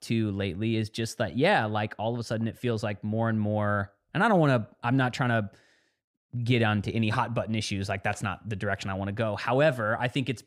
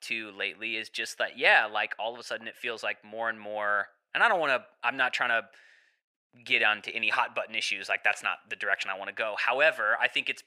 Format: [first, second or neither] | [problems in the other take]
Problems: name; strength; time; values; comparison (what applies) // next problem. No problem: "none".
first | thin; very; fading below 650 Hz